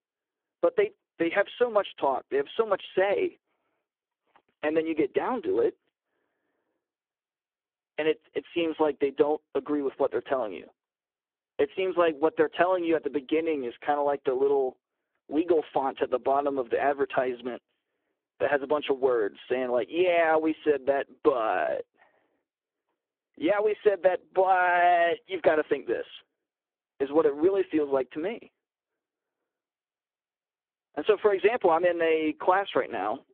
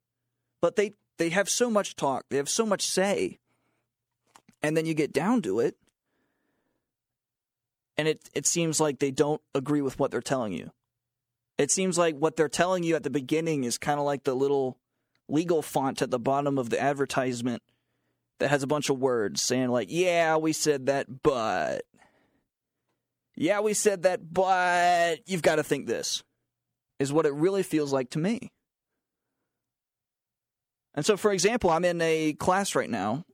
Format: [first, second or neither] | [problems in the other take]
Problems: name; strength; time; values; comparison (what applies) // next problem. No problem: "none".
second | phone-call audio; poor line